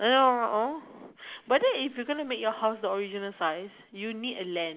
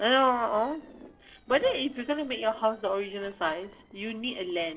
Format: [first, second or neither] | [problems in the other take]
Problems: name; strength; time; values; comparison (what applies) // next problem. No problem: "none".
first | noise reduction (neural separator model SepFormer DNS4)